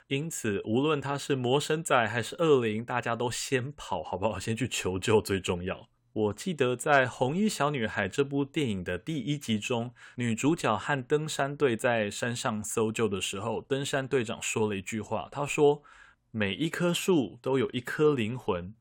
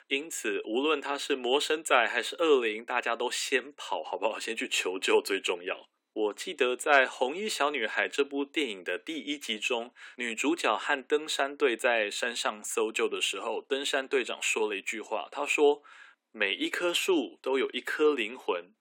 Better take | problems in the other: first | thin; somewhat; fading below 300 Hz

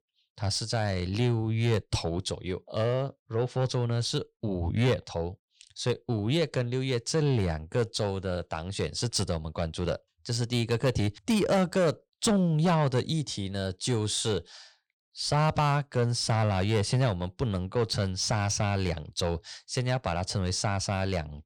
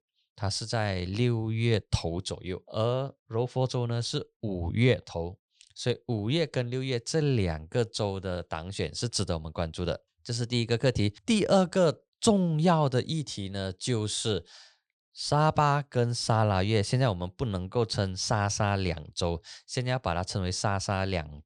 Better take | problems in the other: second | distortion; slight; 10 dB below the speech

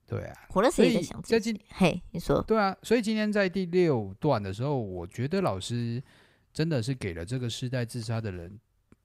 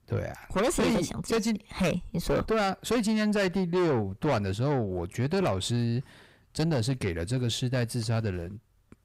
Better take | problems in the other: first | distortion; heavy; 6 dB below the speech

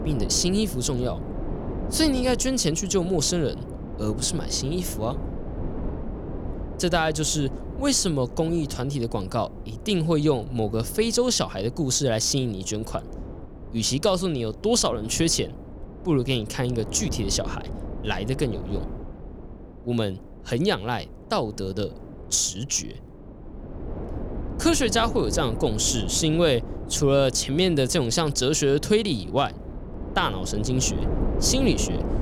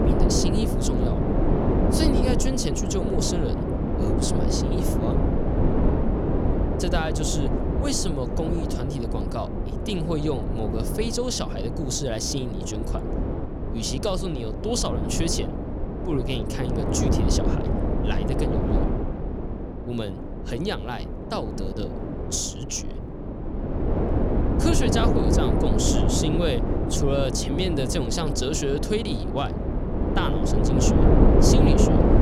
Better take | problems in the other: first | wind noise on the microphone; heavy; as loud as the speech; occasional gusts in the first

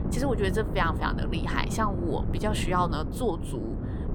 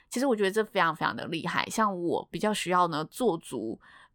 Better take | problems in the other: second | wind noise on the microphone; heavy; 10 dB below the speech

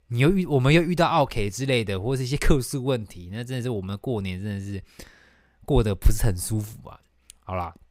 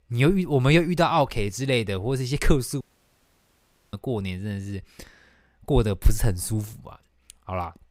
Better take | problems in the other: first | audio cutting out; at 3 s for 1 s

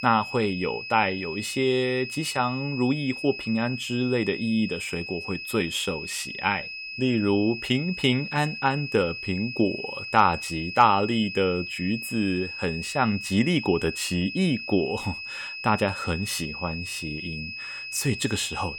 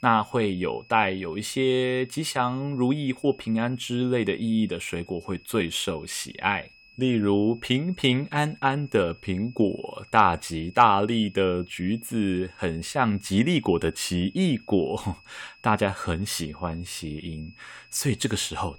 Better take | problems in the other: second | high-pitched whine; loud; throughout; 2.5 kHz, 8 dB below the speech; faint in the second

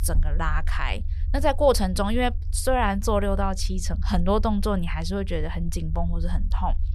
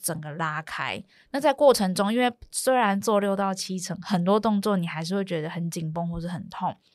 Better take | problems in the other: second | low rumble; faint; throughout; 25 dB below the speech

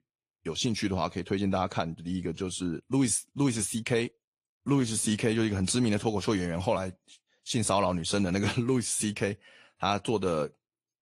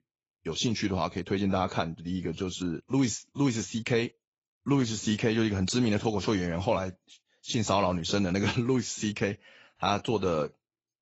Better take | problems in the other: first | garbled, watery; badly; nothing above 7.5 kHz; slightly in the first

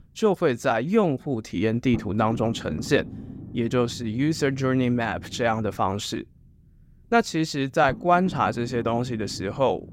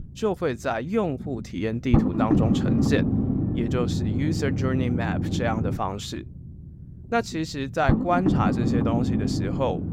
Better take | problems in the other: first | low rumble; loud; throughout; 3 dB below the speech; faint in the first

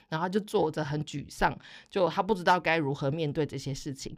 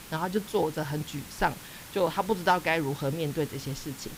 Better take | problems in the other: first | hiss; noticeable; throughout; 15 dB below the speech

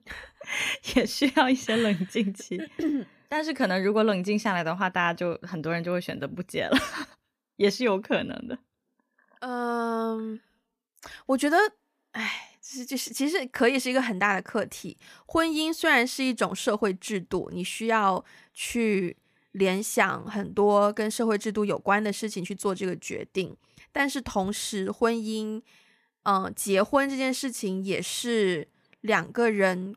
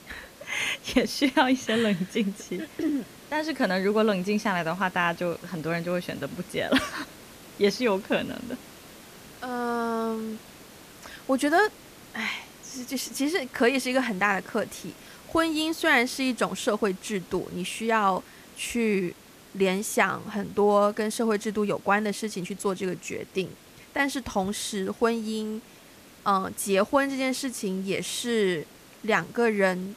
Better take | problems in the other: first | hiss; faint; throughout; 20 dB below the speech

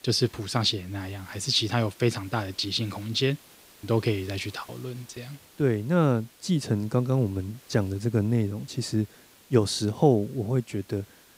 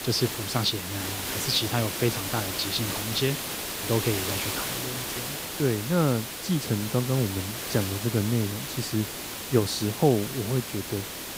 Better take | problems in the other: first | hiss; loud; throughout; 3 dB below the speech; faint in the first

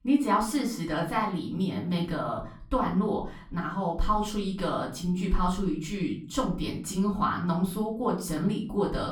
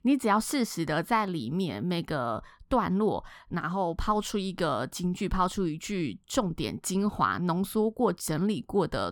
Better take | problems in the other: second | off-mic speech; far // room echo; slight; dies away in 0.4 s

